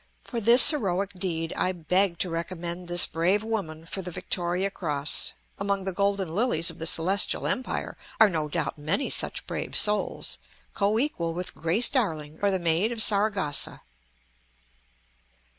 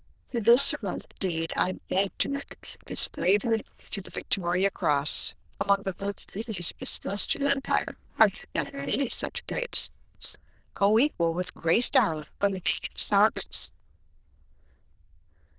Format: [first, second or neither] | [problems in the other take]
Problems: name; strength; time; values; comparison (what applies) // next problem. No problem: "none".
first | noise reduction (neural diffusion model UNIVERSE++)